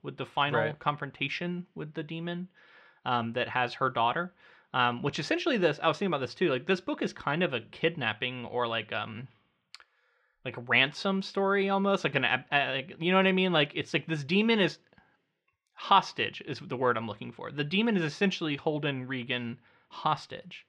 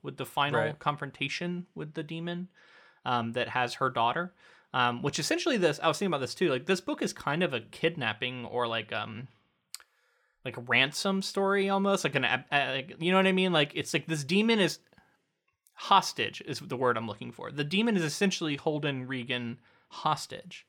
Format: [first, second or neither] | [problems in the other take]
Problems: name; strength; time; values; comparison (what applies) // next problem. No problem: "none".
second | muffled; very slightly; fading above 3 kHz